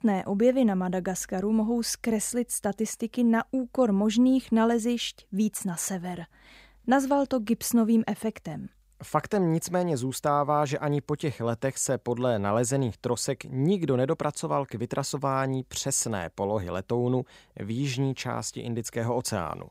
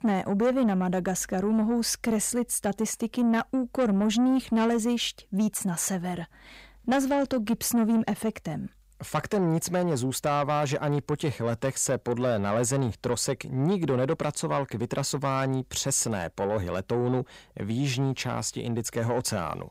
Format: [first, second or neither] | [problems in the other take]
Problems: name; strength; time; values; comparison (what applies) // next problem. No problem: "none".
first | distortion; slight; 10 dB below the speech